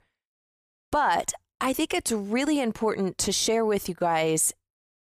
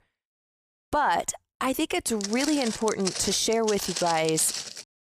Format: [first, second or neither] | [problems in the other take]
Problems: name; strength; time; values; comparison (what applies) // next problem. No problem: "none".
first | footsteps; noticeable; from 2 s on; peak 4 dB below the speech